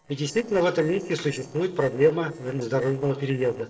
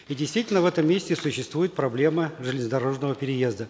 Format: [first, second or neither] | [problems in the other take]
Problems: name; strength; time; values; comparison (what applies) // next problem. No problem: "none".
second | noise reduction (neural separator model SepFormer DNS4)